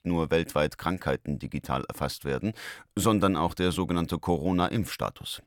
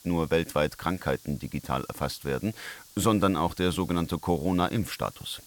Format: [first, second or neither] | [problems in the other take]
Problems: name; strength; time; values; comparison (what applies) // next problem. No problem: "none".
first | hiss; faint; throughout; 20 dB below the speech